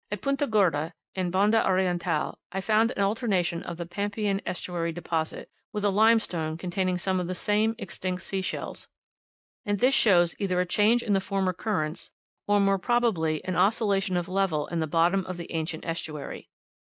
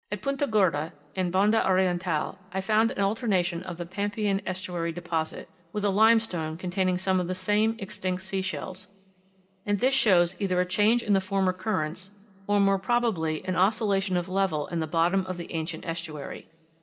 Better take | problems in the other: first | room echo; dies away in 0.8 s

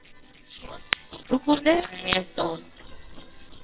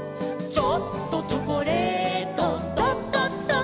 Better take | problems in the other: second | noise reduction (neural separator model SepFormer WHAMR!)

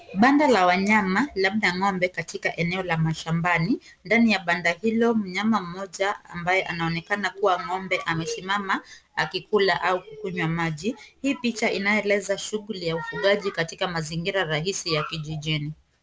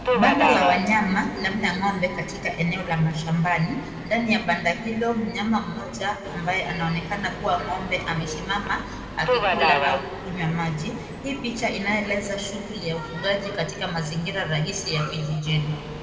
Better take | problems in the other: first | background sound (Subway, metro, underground); 5 dB below the speech // room echo; dies away in 1.7 s

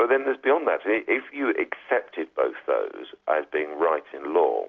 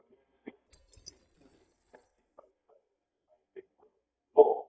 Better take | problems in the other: first | noise reduction (neural mask model DeepFilterNet 3)

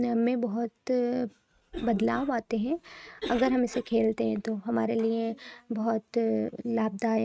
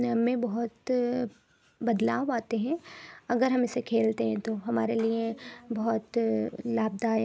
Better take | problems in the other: second | noise reduction (neural mask model RNNoise)

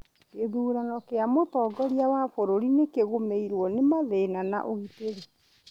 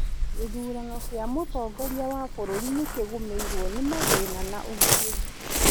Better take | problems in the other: first | background sound (Waves, surf); 5 dB above the speech

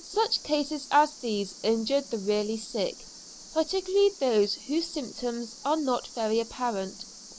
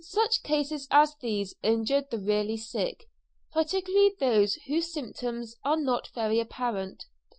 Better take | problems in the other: second | noise reduction (neural mask model Resemble Enhance denoiser)

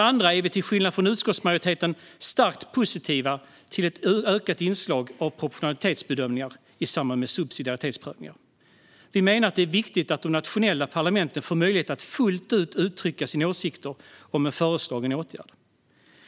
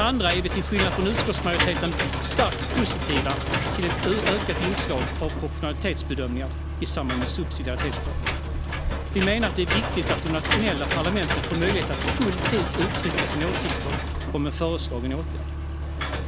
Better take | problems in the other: first | background sound (Engine / Mechanisms); 1 dB above the speech

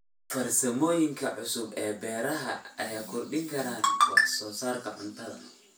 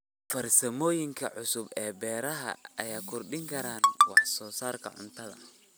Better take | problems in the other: second | room echo; dies away in 0.3 s

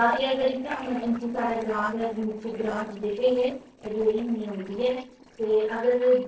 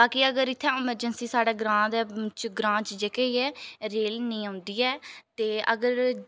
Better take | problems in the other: second | noise reduction (neural separator model SepFormer DNS4)

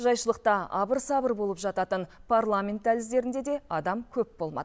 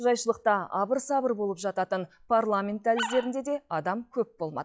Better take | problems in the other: first | noise reduction (classical method log-MMSE)

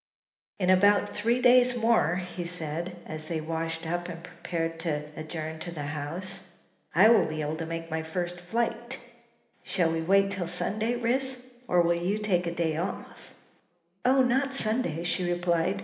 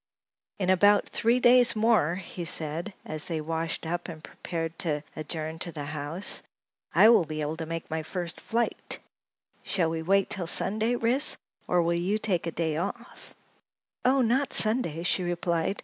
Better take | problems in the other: second | room echo; dies away in 1.1 s

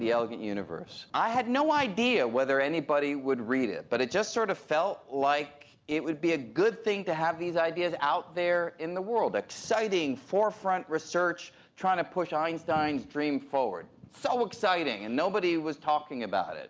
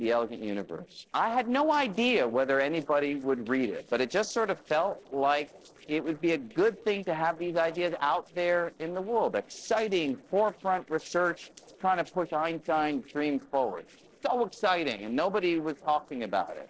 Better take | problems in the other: first | noise reduction (neural separator model SepFormer DNS4)

